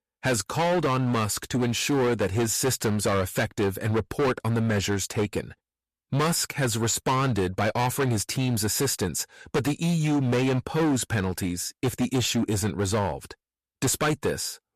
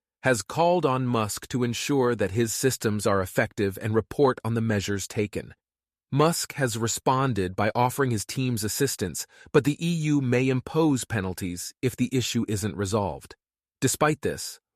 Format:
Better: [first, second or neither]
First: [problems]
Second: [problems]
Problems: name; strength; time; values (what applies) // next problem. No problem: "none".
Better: second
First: distortion; heavy; 17% of the sound clipped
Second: none